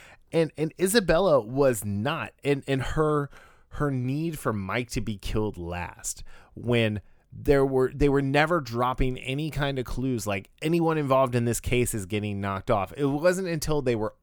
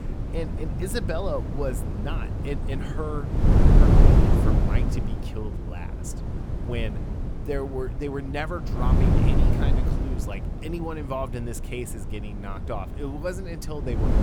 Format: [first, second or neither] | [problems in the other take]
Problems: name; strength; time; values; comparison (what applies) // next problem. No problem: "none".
first | wind noise on the microphone; heavy; as loud as the speech